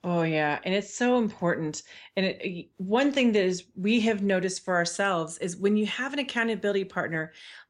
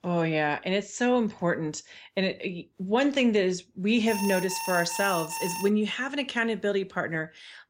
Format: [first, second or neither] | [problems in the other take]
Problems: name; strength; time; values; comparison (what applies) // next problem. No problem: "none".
first | alarm; noticeable; from 4 to 5.5 s; peak 6 dB below the speech